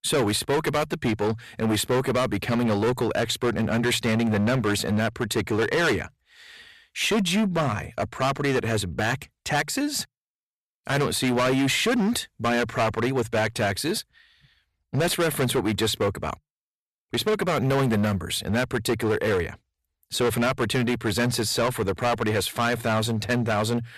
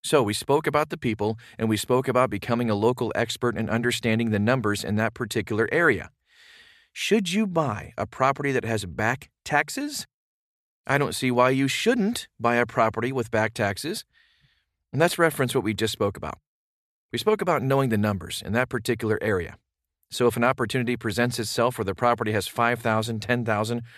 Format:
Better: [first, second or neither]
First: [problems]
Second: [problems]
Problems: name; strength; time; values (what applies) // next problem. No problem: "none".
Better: second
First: distortion; heavy; 15% of the sound clipped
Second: none